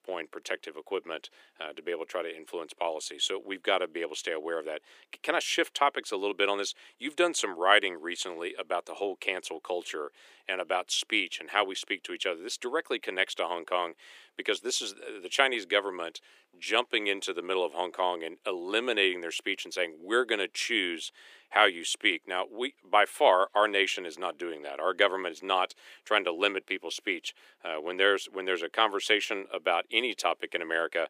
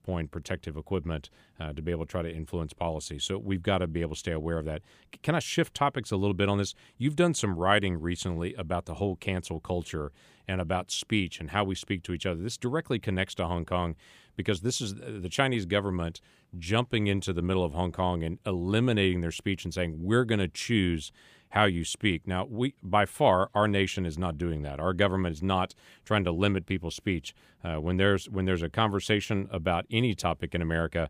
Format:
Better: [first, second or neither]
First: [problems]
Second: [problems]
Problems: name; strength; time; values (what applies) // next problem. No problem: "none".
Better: second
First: thin; very; fading below 350 Hz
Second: none